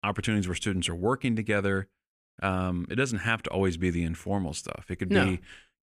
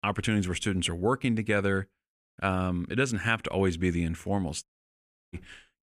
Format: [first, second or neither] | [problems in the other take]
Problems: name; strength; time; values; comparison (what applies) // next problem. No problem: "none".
first | audio cutting out; at 4.5 s for 0.5 s